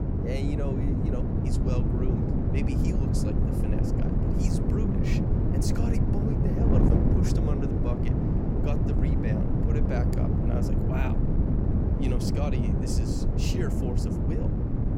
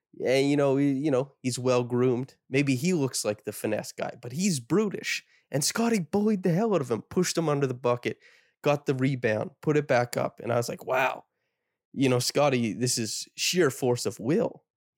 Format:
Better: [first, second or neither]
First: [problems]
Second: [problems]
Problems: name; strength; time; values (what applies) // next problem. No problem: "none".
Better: second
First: wind noise on the microphone; heavy; 4 dB above the speech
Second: none